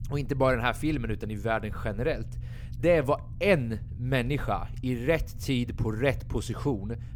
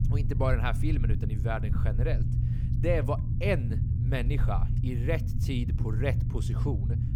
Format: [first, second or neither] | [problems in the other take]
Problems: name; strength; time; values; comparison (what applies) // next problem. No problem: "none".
first | low rumble; loud; throughout; 8 dB below the speech; faint in the first